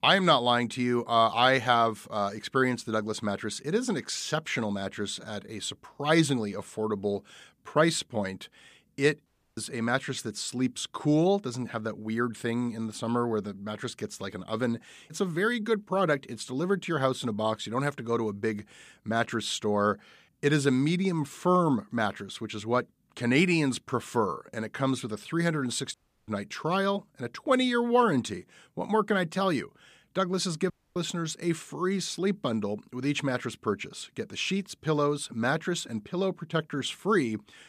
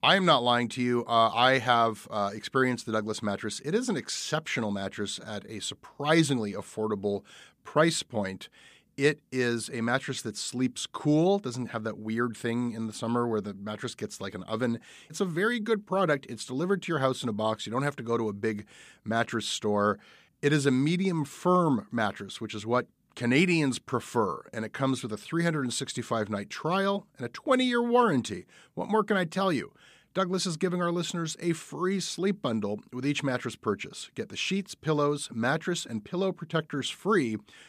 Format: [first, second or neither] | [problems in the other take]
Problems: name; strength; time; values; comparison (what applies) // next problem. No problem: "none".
second | audio cutting out; at 9.5 s, at 26 s and at 31 s